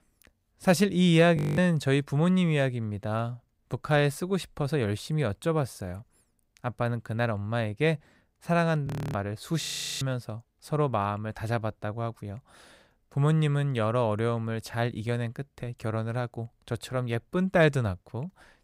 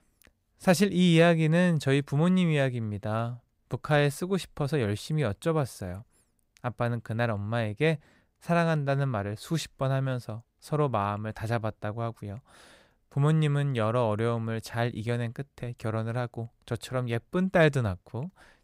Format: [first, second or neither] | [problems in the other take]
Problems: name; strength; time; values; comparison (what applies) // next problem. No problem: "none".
second | audio freezing; at 1.5 s, at 9 s and at 9.5 s